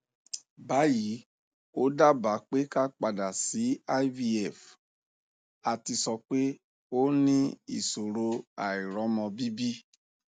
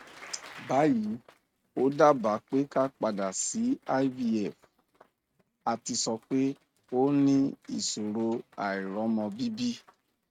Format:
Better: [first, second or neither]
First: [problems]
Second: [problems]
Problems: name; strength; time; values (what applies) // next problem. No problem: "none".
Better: first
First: none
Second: noise reduction (neural mask model RNNoise)